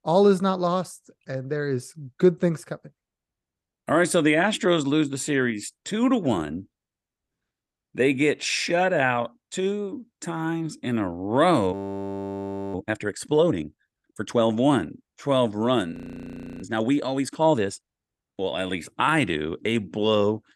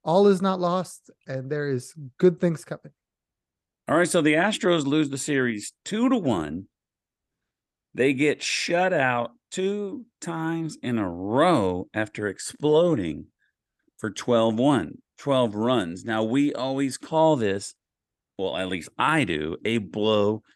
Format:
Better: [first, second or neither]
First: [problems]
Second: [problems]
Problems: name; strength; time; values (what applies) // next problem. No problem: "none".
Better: second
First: audio freezing; at 12 s for 1 s and at 16 s for 0.5 s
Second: none